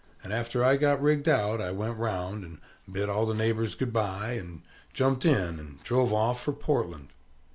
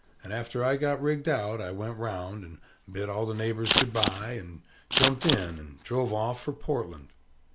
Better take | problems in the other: first | background sound (Scissors); 4 dB above the speech

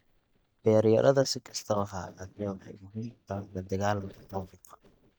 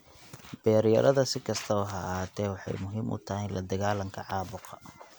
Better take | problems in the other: second | noise reduction (neural mask model DeepFilterNet 3)

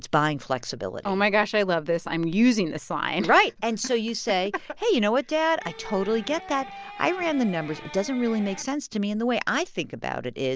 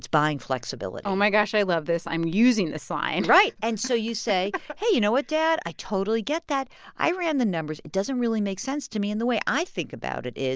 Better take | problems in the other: second | background sound (Electric guitar); 15 dB below the speech

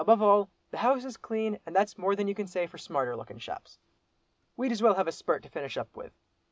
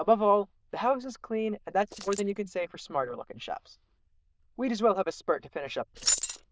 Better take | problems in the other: first | noise reduction (neural diffusion model UNIVERSE++)

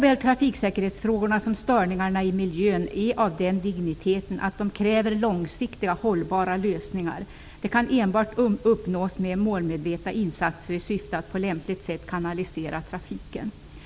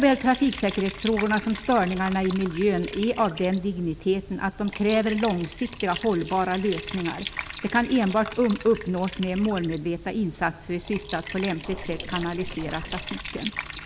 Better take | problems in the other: first | background sound (Scratching (performance technique) + Liquid); 13 dB below the speech

